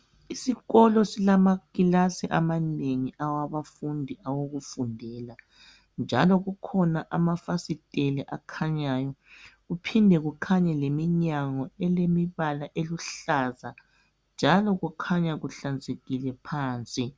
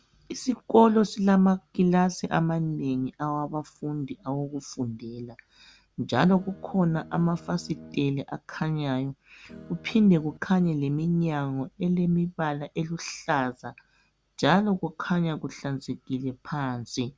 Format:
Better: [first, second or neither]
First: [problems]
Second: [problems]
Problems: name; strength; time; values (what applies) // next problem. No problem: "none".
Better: first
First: none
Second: background sound (Guitar); 19 dB below the speech